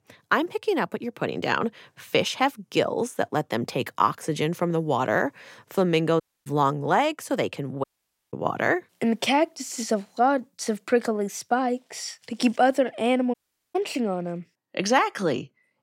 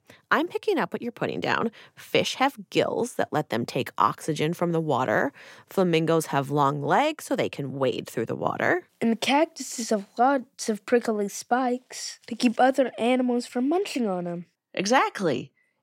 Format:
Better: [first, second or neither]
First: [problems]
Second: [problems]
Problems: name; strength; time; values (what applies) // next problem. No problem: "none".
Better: second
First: audio cutting out; at 6 s, at 8 s and at 13 s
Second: none